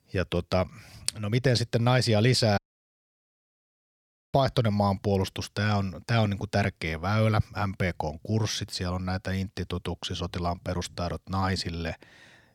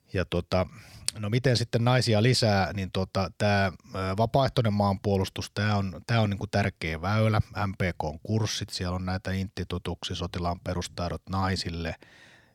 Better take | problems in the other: second | audio cutting out; at 2.5 s for 2 s

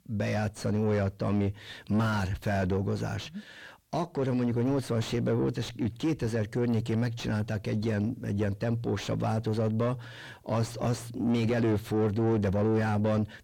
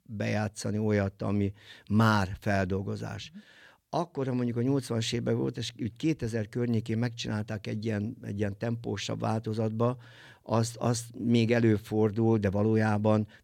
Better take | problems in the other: second | distortion; heavy; 7 dB below the speech

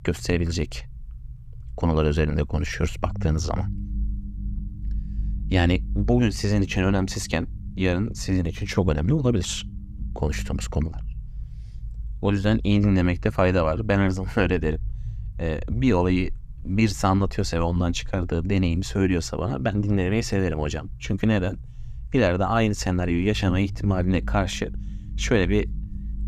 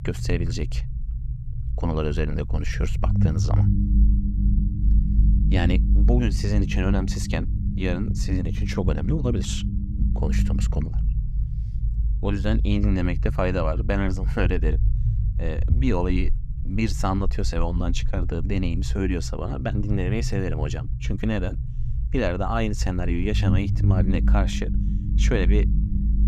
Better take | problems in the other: first | low rumble; loud; throughout; 10 dB below the speech; faint in the first

